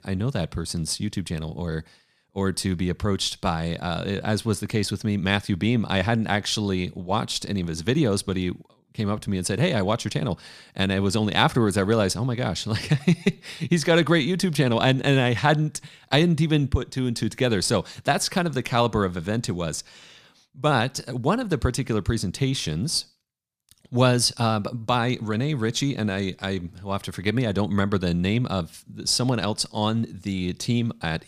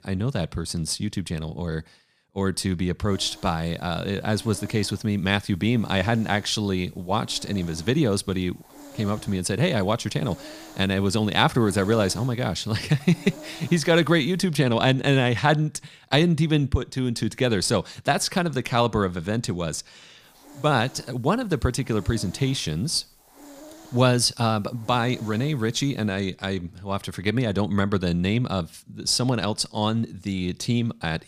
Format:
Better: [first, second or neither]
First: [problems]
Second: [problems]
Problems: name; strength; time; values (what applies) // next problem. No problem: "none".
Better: first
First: none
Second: hiss; faint; from 3 to 14 s and from 20 to 26 s; 25 dB below the speech